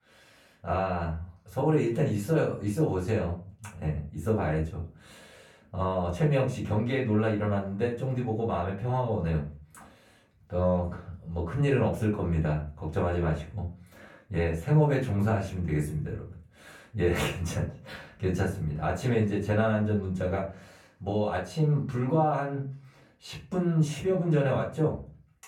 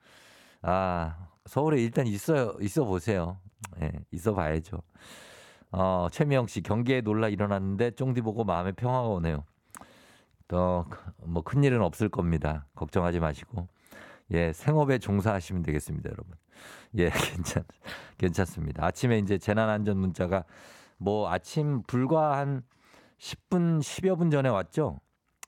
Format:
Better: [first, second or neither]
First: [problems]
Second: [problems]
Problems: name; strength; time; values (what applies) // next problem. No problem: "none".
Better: second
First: room echo; slight; dies away in 0.3 s // off-mic speech; far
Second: none